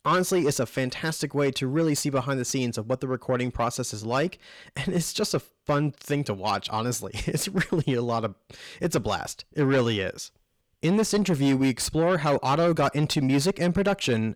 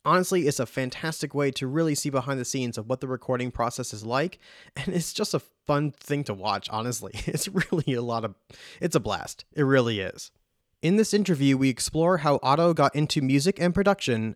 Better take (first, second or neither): second